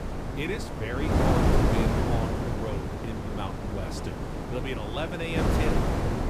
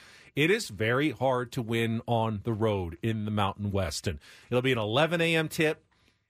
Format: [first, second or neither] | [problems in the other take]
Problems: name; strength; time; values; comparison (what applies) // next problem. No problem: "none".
second | wind noise on the microphone; heavy; 4 dB above the speech